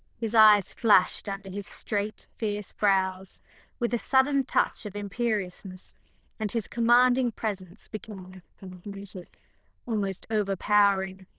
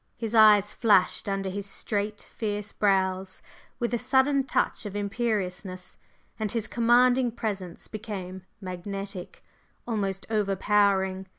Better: second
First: noise reduction (neural diffusion model UNIVERSE++)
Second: none

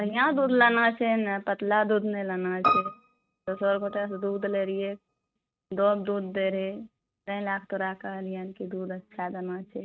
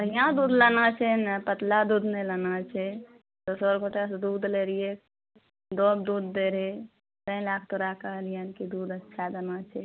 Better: second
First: noise reduction (neural mask model RNNoise)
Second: none

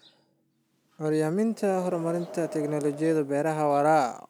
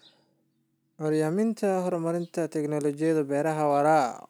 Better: second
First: background sound (Wind); 18 dB below the speech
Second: none

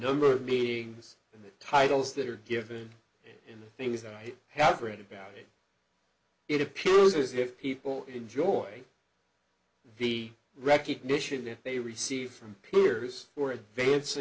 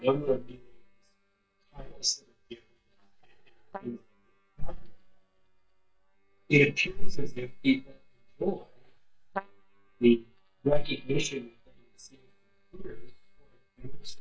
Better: first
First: none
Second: noise reduction (neural mask model DeepFilterNet 3)

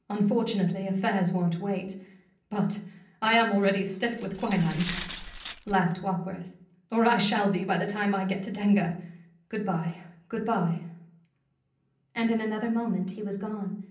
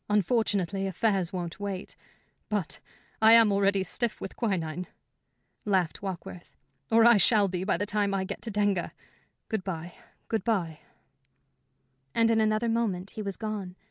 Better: second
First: background sound (Glass); 12 dB below the speech // room echo; dies away in 0.6 s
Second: none

